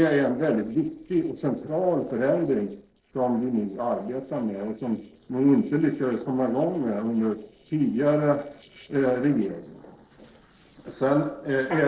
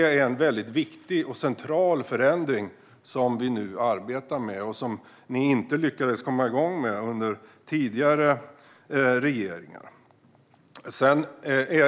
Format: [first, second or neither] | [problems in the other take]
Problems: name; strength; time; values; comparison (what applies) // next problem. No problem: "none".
second | noise reduction (neural separator model SepFormer DNS4)